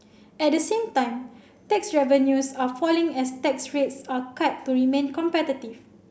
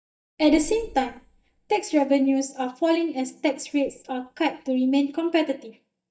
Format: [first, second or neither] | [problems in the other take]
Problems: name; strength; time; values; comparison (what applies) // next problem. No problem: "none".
first | noise reduction (neural mask model DeepFilterNet 3)